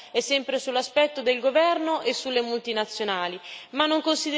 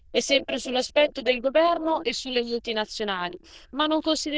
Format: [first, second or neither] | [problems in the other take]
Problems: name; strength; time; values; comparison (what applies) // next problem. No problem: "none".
first | noise reduction (neural diffusion model UNIVERSE++)